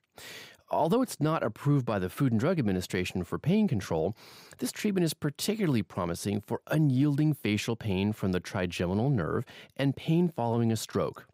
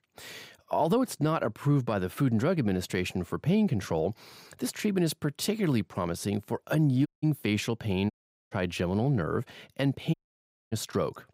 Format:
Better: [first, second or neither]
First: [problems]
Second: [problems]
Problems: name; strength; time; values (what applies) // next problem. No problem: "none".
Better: first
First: none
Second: audio cutting out; at 7 s, at 8 s and at 10 s for 0.5 s